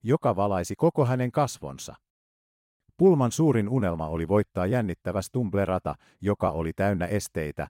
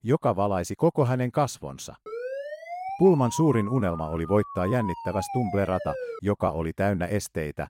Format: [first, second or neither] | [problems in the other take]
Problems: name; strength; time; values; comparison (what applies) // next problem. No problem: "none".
first | siren; noticeable; from 2 to 6 s; peak 8 dB below the speech